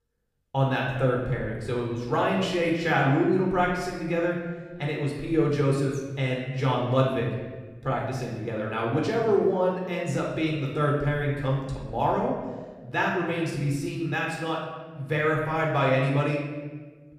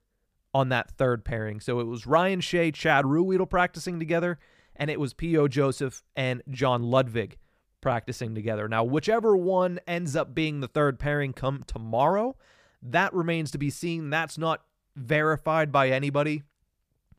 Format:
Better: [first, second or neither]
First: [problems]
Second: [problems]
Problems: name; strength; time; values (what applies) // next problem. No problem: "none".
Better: second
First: off-mic speech; far // room echo; noticeable; dies away in 1.2 s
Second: none